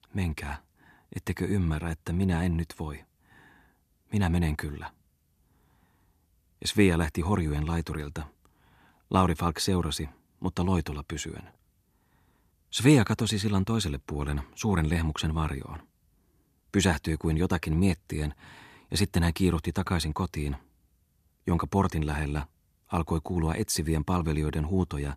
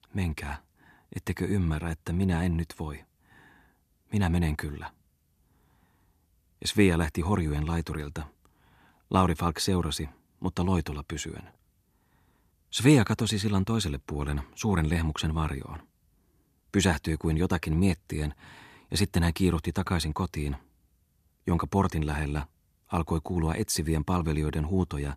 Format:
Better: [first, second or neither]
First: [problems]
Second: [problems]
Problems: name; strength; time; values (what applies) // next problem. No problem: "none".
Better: neither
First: none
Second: none